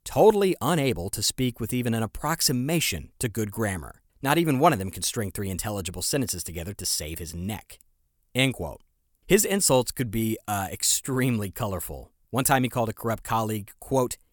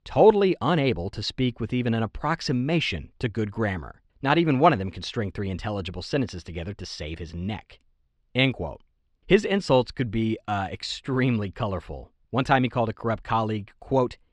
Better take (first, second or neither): first